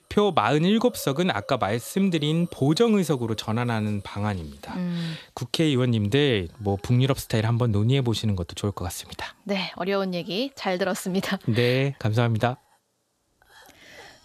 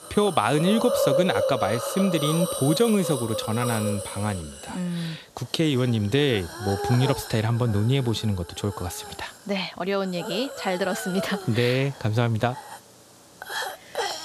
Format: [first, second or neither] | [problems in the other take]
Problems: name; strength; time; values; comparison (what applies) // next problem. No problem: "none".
first | hiss; loud; throughout; 6 dB below the speech; faint in the first